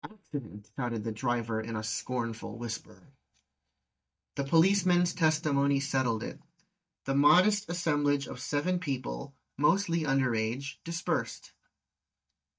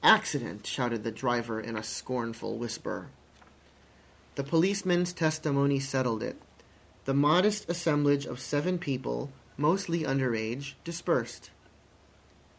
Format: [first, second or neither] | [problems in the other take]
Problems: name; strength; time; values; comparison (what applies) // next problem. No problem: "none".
second | noise reduction (neural mask model DeepFilterNet 3)